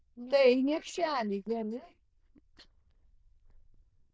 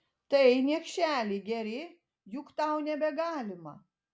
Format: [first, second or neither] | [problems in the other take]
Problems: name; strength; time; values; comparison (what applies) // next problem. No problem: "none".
second | noise reduction (neural diffusion model UNIVERSE++)